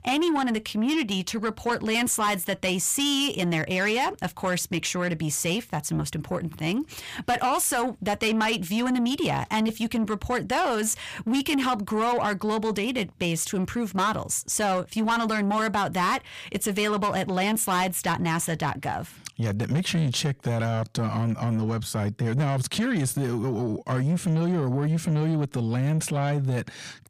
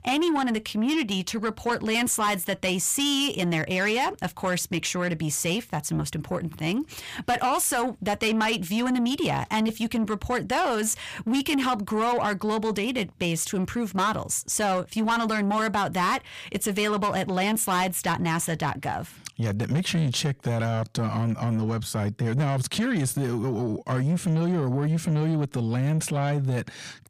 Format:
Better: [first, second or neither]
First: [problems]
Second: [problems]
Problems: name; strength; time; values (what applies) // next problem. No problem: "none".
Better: neither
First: distortion; slight; 10 dB below the speech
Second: distortion; slight; 10 dB below the speech